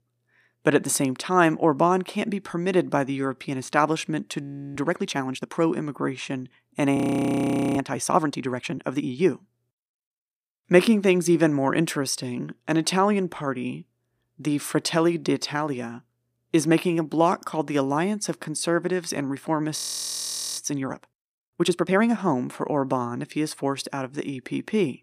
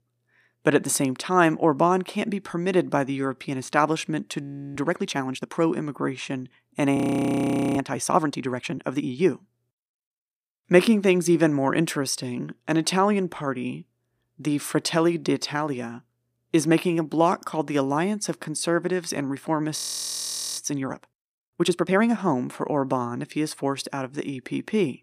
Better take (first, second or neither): neither